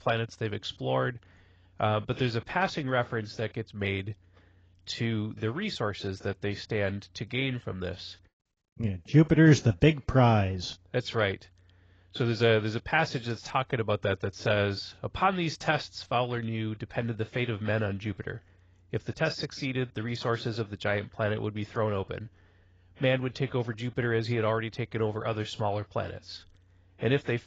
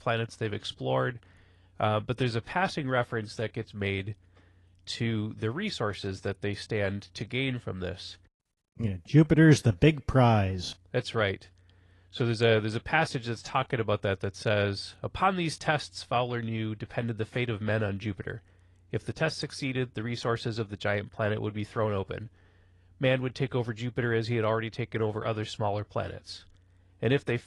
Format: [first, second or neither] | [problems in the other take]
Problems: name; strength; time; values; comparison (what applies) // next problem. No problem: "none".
second | garbled, watery; badly; nothing above 7.5 kHz; slightly in the second